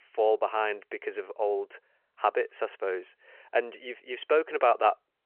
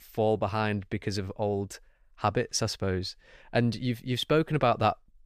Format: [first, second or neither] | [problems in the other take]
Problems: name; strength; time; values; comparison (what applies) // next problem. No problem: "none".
second | phone-call audio